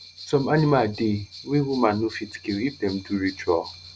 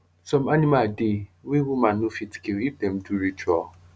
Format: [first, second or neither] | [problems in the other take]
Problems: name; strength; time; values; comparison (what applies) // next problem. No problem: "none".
second | background sound (Bell); 19 dB below the speech